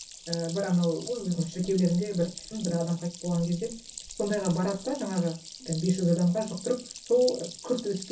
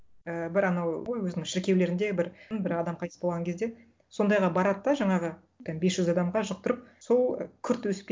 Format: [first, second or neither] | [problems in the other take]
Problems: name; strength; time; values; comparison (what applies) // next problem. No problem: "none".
second | background sound (Stream); 14 dB below the speech // room echo; dies away in 0.3 s